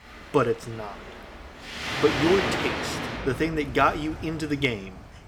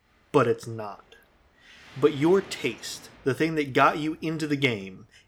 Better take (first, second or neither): second